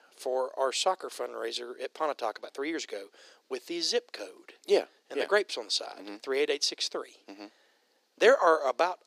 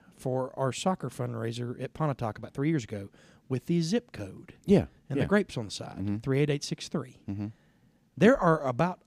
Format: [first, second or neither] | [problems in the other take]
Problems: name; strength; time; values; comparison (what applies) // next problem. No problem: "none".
second | thin; very; fading below 400 Hz